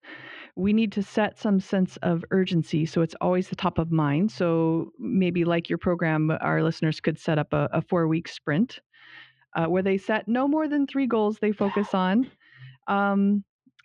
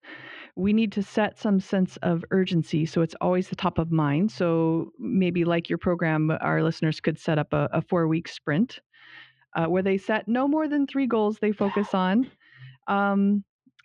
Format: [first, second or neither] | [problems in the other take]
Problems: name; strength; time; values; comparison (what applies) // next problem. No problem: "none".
neither | muffled; very; fading above 3 kHz; the same in both